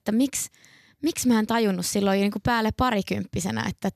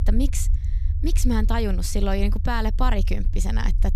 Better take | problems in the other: first | low rumble; noticeable; throughout; 15 dB below the speech

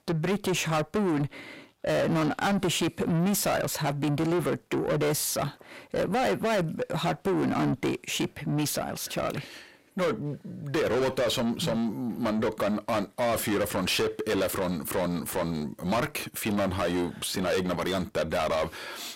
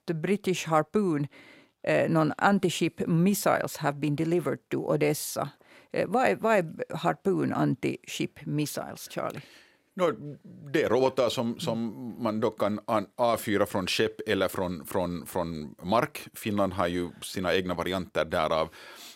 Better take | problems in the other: second | distortion; heavy; 6 dB below the speech

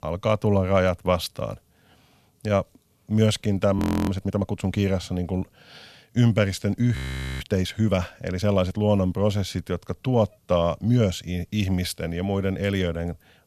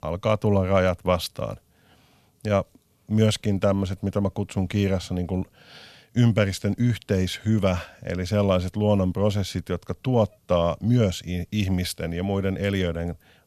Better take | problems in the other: second | audio freezing; at 4 s and at 7 s

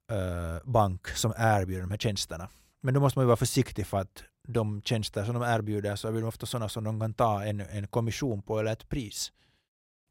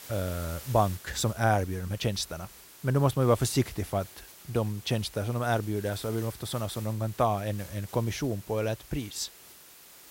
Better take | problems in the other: first | hiss; noticeable; throughout; 15 dB below the speech

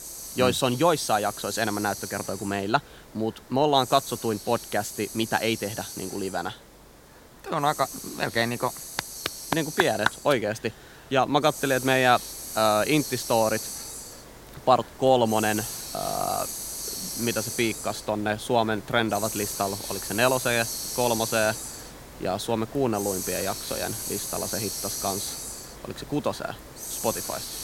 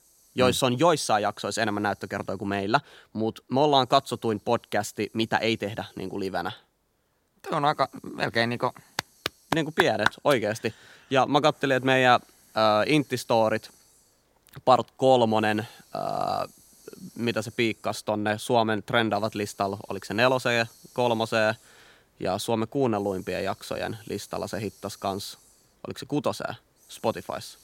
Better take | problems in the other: second | hiss; loud; throughout; 7 dB below the speech; faint in the second

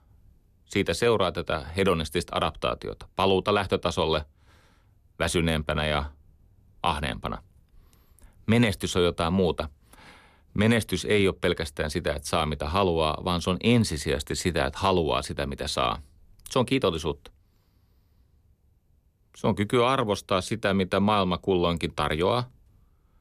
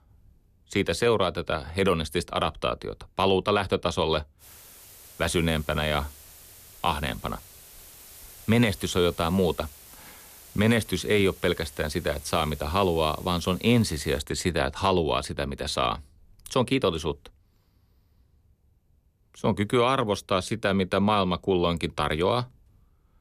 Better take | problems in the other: first | hiss; faint; from 4.5 to 14 s; 20 dB below the speech

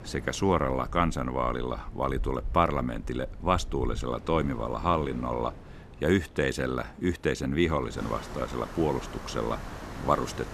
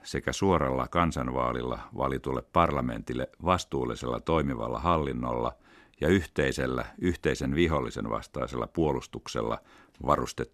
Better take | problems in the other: second | wind in the background; noticeable; throughout; 10 dB below the speech

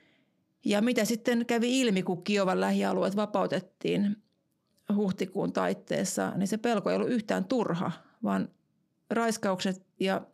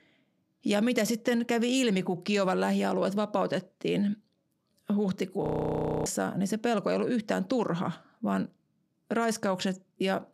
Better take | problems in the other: first | audio freezing; at 5.5 s for 0.5 s

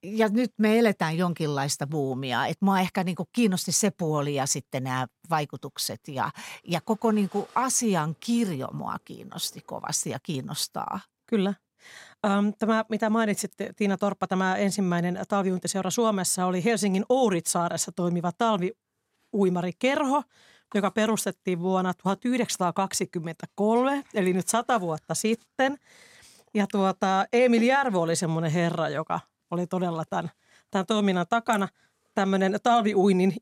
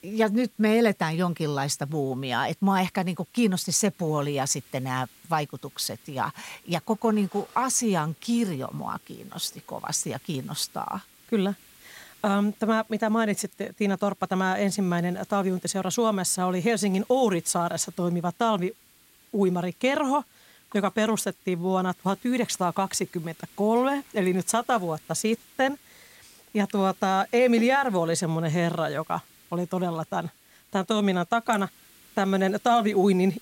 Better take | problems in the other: first | hiss; faint; throughout; 25 dB below the speech

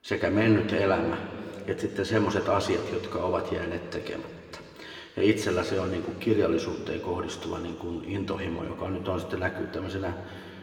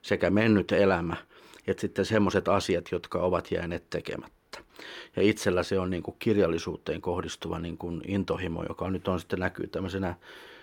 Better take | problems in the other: second | room echo; slight; dies away in 2.4 s // off-mic speech; somewhat distant

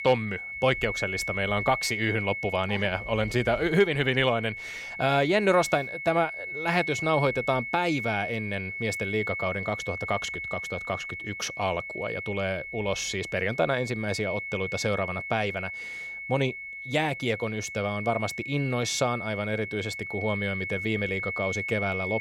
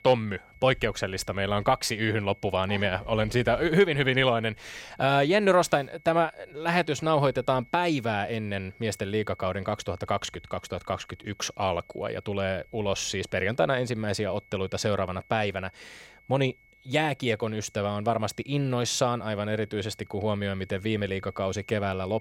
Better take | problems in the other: second | high-pitched whine; loud; throughout; 2 kHz, 5 dB below the speech; faint in the second

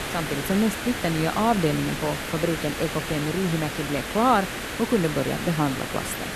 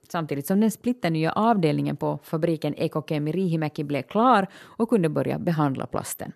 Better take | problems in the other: second | hiss; loud; throughout; 5 dB below the speech

